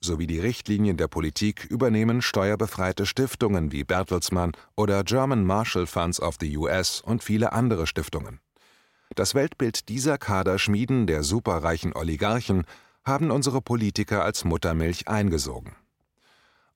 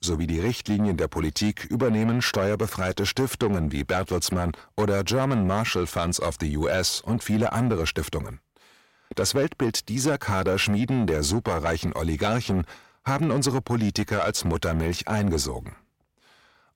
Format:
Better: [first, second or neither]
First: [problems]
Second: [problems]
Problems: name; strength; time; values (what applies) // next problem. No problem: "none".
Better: first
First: none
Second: distortion; slight; 10 dB below the speech